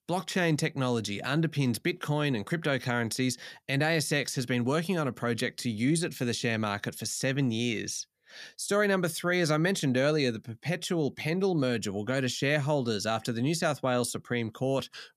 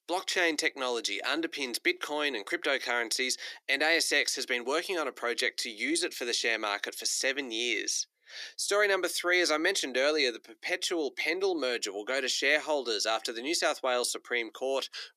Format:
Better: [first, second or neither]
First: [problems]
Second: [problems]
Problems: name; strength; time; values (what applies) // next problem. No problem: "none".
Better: first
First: none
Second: thin; very; fading below 350 Hz